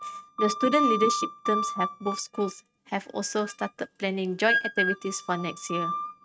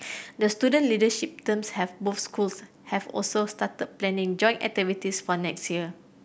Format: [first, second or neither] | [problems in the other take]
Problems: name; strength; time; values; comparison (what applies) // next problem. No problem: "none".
second | noise reduction (neural mask model RNNoise)